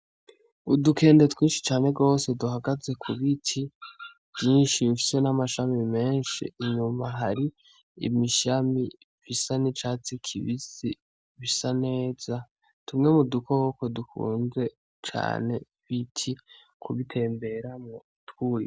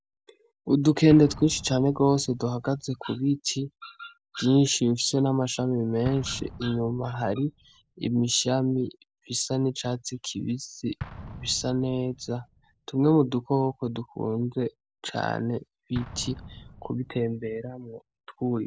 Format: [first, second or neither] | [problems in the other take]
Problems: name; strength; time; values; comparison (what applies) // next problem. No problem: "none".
first | background sound (Explosion); 20 dB below the speech